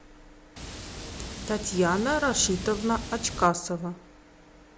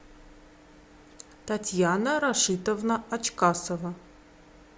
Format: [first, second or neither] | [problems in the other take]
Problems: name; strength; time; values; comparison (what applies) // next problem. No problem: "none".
second | background sound (Water); 9 dB below the speech